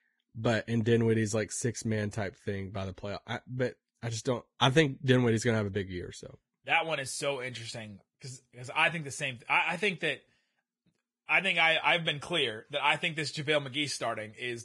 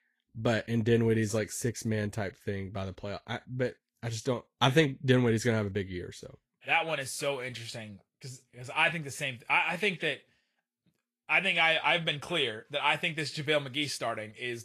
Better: second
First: garbled, watery; badly; nothing above 10.5 kHz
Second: garbled, watery; slightly; nothing above 12.5 kHz

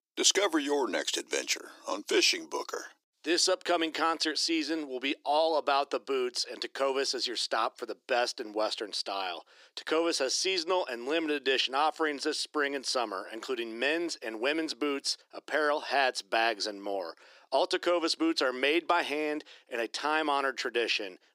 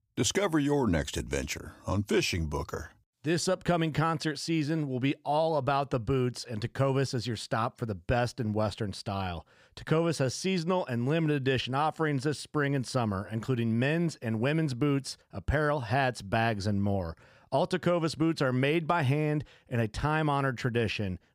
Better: second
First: thin; very; fading below 300 Hz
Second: none

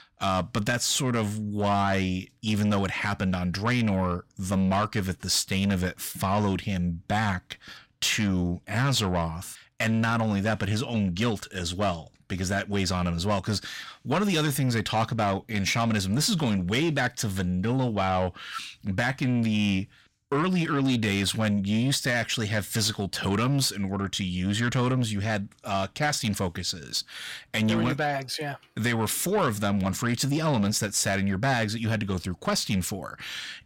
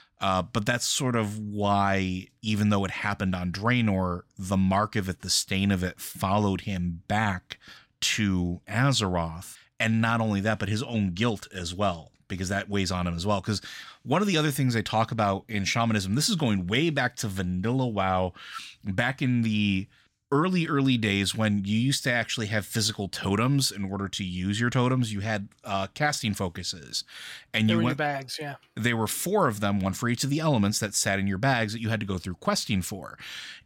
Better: second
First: distortion; slight; 10 dB below the speech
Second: none

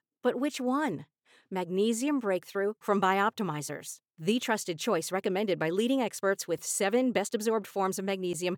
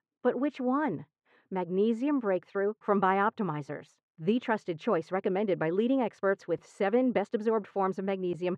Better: first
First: none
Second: muffled; very; fading above 2 kHz

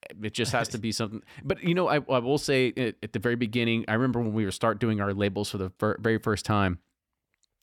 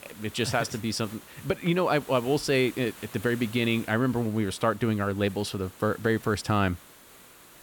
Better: first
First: none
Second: hiss; noticeable; throughout; 20 dB below the speech

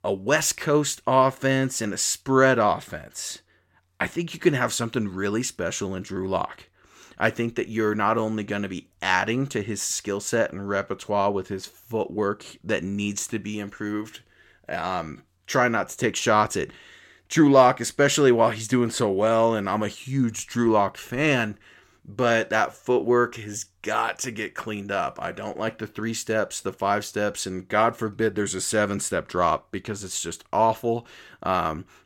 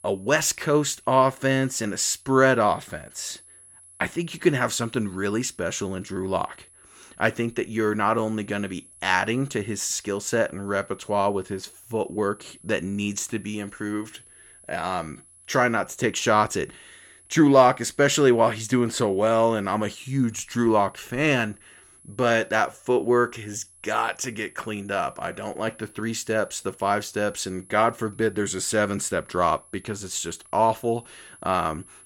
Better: first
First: none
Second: high-pitched whine; faint; throughout; 10.5 kHz, 25 dB below the speech

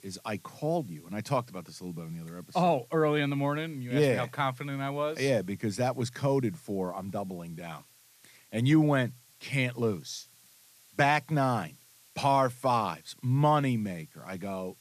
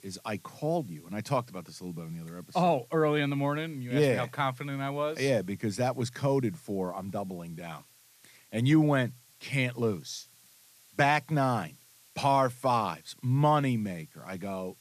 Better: neither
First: hiss; faint; throughout; 25 dB below the speech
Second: hiss; faint; throughout; 25 dB below the speech

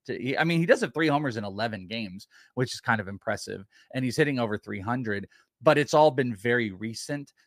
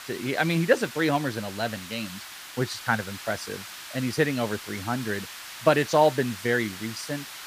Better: first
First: none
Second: hiss; noticeable; throughout; 10 dB below the speech

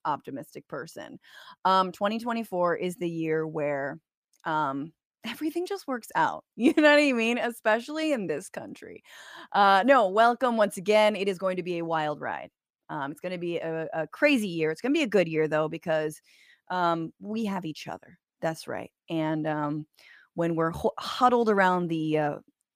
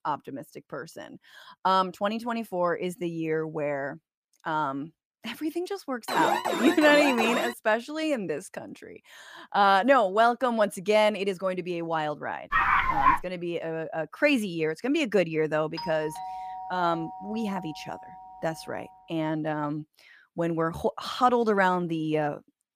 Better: first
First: none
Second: alarm; loud; from 6 to 7.5 s; peak level with the speech // dog barking; loud; at 13 s; peak 5 dB above the speech // doorbell; noticeable; from 16 to 19 s; peak 10 dB below the speech

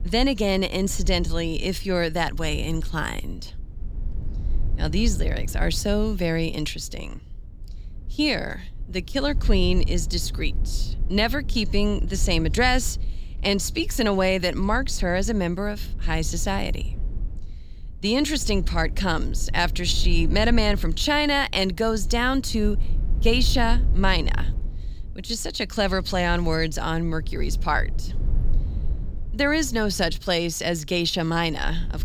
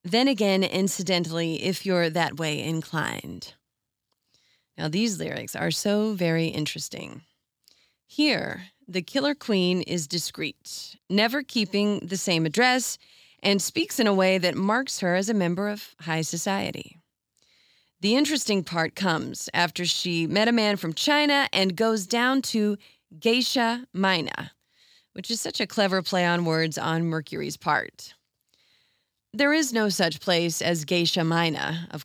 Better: second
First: low rumble; faint; throughout; 25 dB below the speech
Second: none

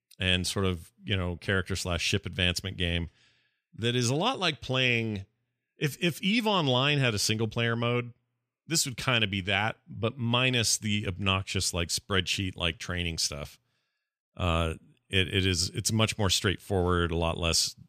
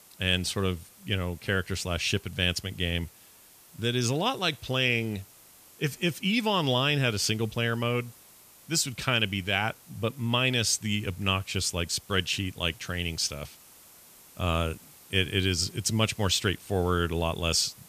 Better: first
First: none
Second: hiss; faint; throughout; 25 dB below the speech

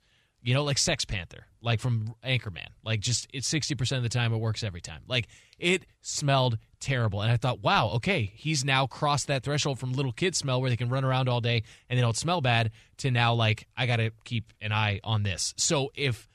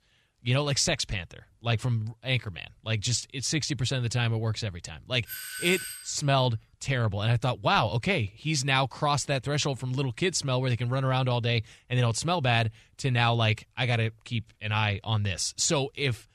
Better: first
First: none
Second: doorbell; noticeable; at 5.5 s; peak 6 dB below the speech

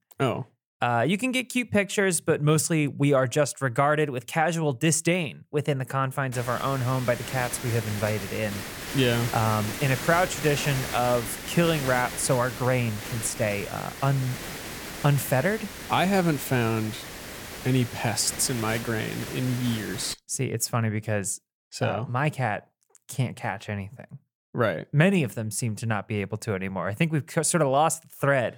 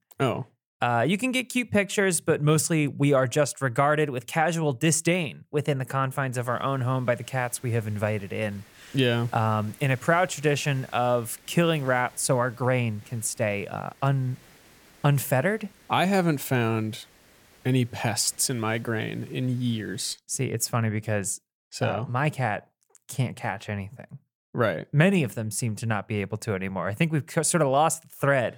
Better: second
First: hiss; loud; from 6.5 to 20 s; 9 dB below the speech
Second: hiss; faint; from 6.5 to 20 s; 25 dB below the speech

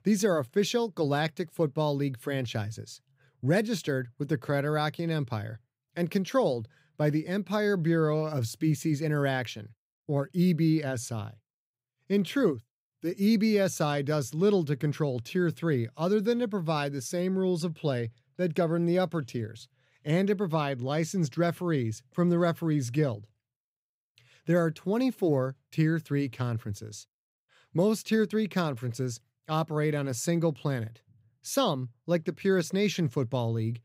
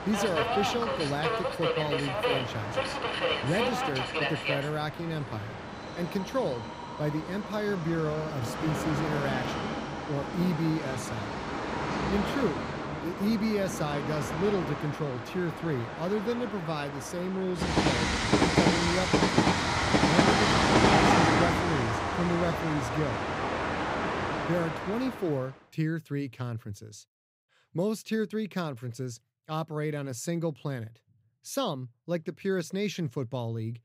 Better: first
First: none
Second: train or aircraft noise; very loud; until 25 s; 3 dB above the speech

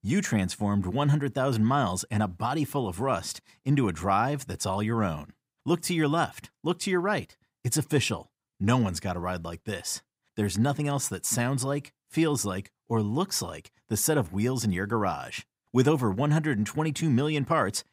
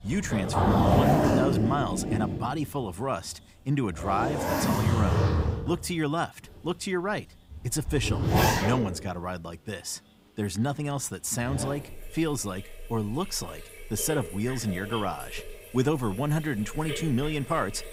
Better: first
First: none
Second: household noises; very loud; throughout; 2 dB above the speech

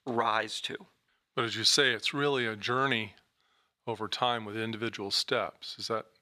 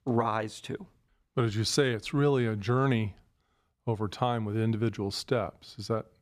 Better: second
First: thin; somewhat; fading below 1 kHz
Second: none

